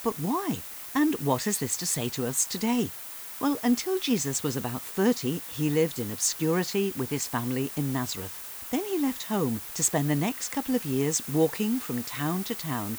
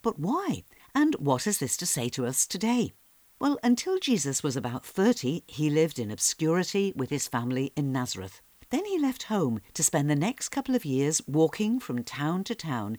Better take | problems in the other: second | hiss; loud; throughout; 8 dB below the speech; faint in the second

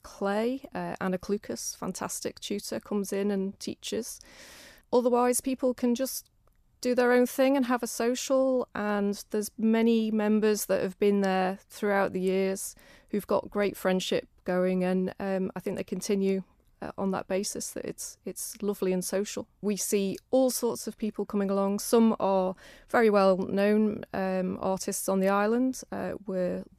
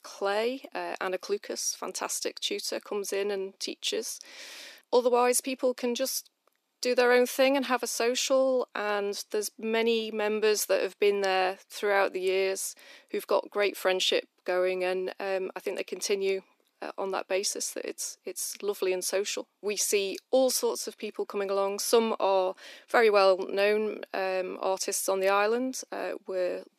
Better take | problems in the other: first | thin; somewhat; fading below 300 Hz

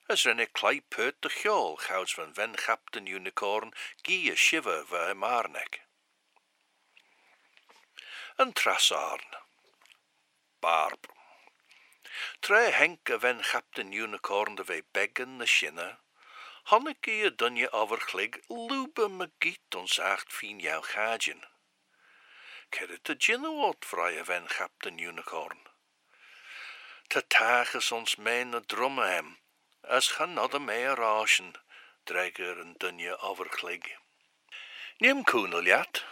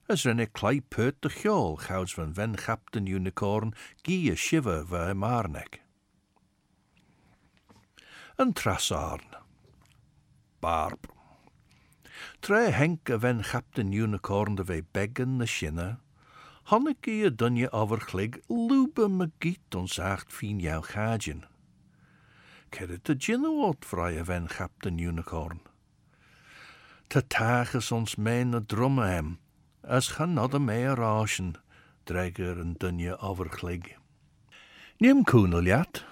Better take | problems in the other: second | thin; very; fading below 450 Hz

